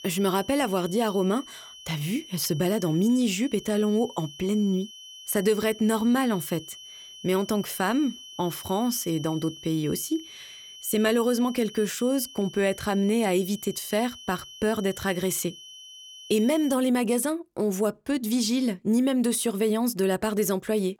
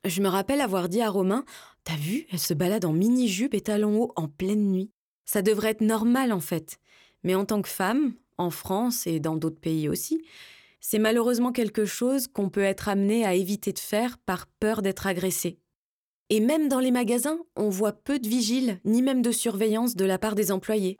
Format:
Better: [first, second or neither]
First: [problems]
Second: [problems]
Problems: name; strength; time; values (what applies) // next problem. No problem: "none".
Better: second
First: high-pitched whine; noticeable; until 17 s; 3 kHz, 15 dB below the speech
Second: none